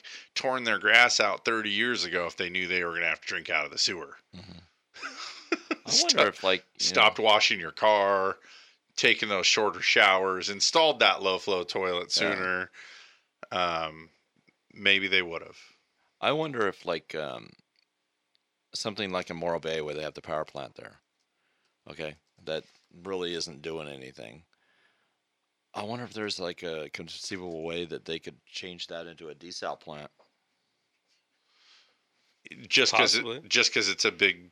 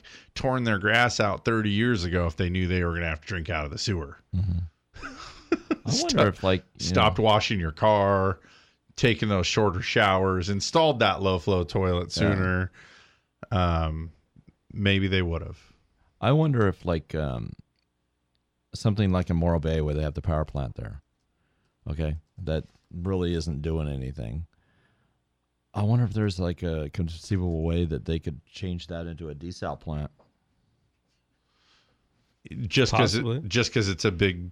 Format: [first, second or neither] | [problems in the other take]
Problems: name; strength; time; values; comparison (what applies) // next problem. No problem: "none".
second | thin; somewhat; fading below 400 Hz